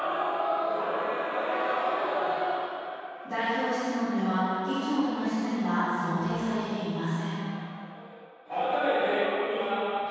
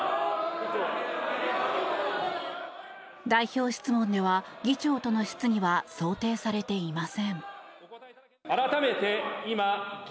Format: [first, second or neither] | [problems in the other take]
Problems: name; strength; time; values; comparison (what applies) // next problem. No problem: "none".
second | room echo; dies away in 2.2 s